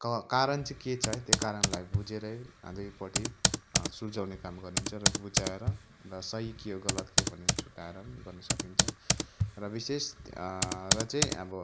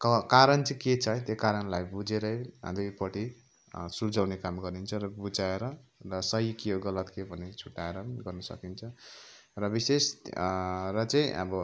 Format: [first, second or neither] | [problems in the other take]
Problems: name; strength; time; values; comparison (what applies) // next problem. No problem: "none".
second | background sound (Computer keyboard); 4 dB above the speech